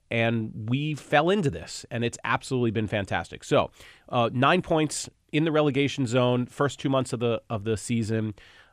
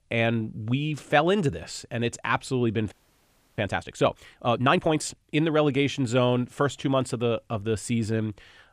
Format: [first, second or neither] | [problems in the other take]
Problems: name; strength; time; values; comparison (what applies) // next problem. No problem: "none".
first | audio freezing; at 3 s for 0.5 s